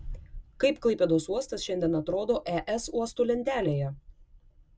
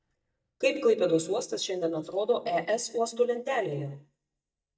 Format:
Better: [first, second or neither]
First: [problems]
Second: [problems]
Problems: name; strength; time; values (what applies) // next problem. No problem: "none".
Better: first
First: none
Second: noise reduction (neural mask model DeepFilterNet 3)